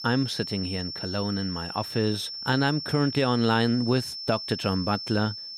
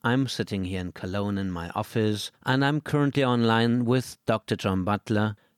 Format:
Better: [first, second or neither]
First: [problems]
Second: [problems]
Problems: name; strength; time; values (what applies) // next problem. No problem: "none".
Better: second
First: high-pitched whine; loud; throughout; 5.5 kHz, 7 dB below the speech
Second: none